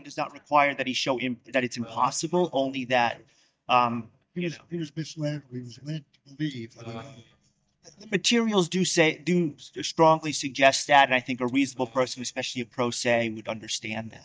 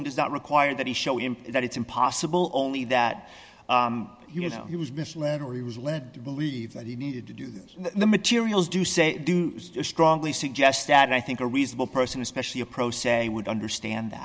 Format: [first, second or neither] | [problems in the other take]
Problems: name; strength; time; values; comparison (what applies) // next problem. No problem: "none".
second | noise reduction (neural mask model DeepFilterNet 3)